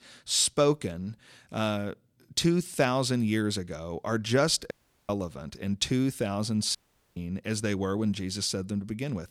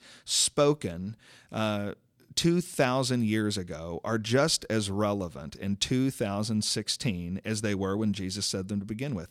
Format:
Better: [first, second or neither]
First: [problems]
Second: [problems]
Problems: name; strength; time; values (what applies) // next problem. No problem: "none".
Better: second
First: audio cutting out; at 4.5 s and at 7 s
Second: none